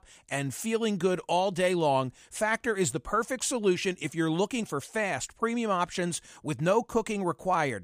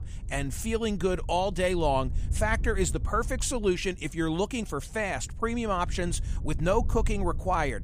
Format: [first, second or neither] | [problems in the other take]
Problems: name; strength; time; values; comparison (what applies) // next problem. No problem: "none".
first | wind noise on the microphone; occasional gusts; 25 dB below the speech